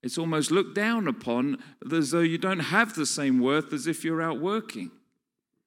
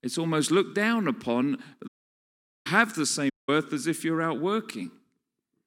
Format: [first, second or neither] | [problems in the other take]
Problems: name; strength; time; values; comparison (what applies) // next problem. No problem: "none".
first | audio cutting out; at 2 s for 1 s and at 3.5 s